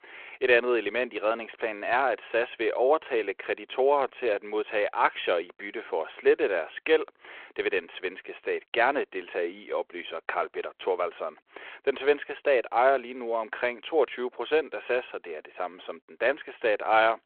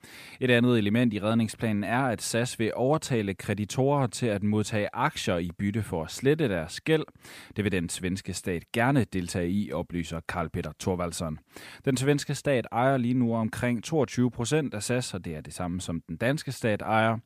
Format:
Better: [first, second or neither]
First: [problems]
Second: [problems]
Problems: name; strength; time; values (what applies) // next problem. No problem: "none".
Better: second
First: phone-call audio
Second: none